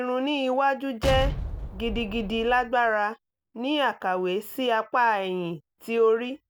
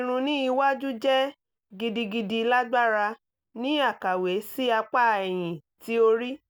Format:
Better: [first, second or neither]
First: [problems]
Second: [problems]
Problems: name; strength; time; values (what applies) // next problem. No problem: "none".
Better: second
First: background sound (Explosion); 5 dB below the speech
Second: none